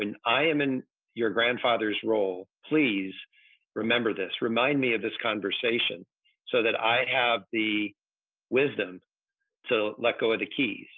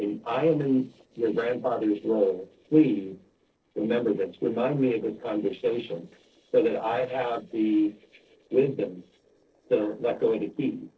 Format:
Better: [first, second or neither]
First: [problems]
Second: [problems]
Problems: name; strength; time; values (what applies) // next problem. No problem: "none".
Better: first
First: none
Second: noise reduction (neural separator model SepFormer DNS4)